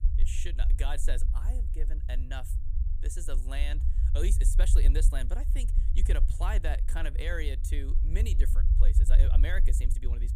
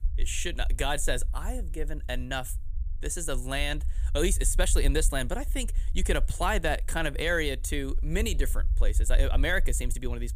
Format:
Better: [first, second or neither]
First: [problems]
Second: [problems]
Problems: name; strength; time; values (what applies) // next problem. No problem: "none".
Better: second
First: low rumble; loud; throughout; 9 dB below the speech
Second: low rumble; faint; throughout; 25 dB below the speech